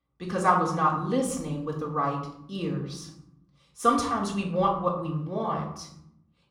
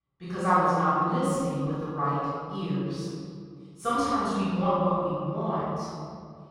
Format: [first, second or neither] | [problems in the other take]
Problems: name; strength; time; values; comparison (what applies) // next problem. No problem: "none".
first | room echo; strong; dies away in 2.2 s; slight in the first // off-mic speech; far; far in the first